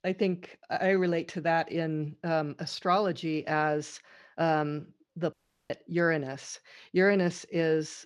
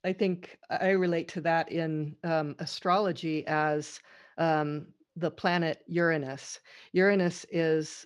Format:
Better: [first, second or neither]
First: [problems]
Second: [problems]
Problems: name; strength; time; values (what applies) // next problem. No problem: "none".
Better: second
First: audio cutting out; at 5.5 s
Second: none